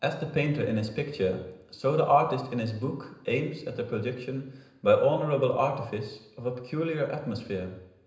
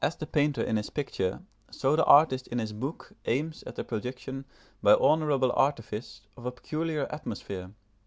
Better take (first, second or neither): second